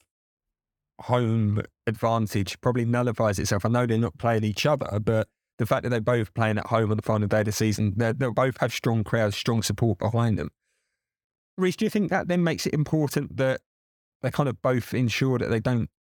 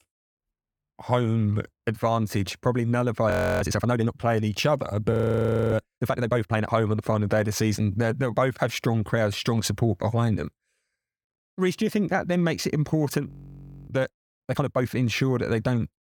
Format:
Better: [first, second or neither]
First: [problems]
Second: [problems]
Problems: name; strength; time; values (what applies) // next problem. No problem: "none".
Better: first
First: none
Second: audio freezing; at 3.5 s, at 5 s for 0.5 s and at 13 s for 0.5 s